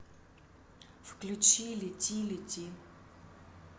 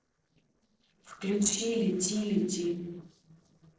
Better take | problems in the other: first | noise reduction (neural separator model SepFormer DNS4)

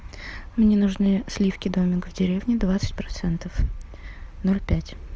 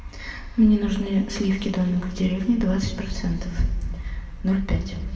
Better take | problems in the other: first | room echo; dies away in 1.9 s

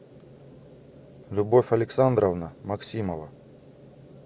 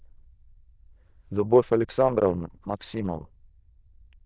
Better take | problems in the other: first | noise reduction (neural diffusion model UNIVERSE++)

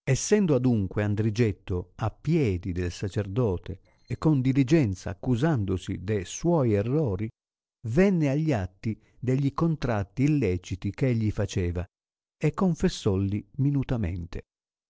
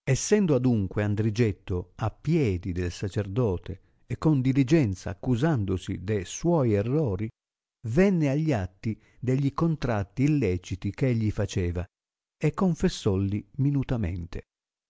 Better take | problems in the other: second | noise reduction (neural separator model SepFormer DNS4)

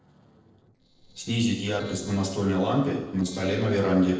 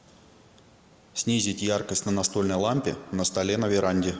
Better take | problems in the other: second | noise reduction (neural separator model SepFormer DNS4)

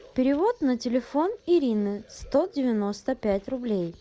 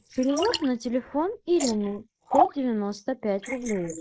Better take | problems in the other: first | noise reduction (neural mask model Resemble Enhance denoiser)

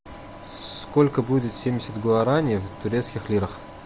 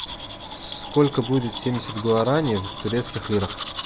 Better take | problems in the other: first | background sound (Domestic sounds, home sounds); 12 dB below the speech

